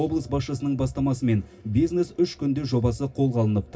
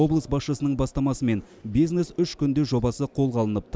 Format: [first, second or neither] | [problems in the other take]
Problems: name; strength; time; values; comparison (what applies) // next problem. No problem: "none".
second | room echo; dies away in 0.4 s